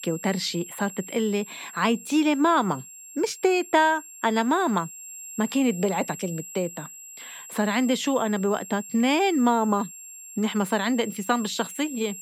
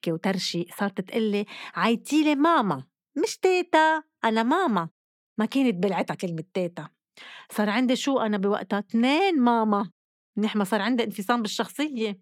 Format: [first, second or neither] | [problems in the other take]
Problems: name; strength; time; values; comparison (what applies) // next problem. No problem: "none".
second | high-pitched whine; noticeable; throughout; 7.5 kHz, 15 dB below the speech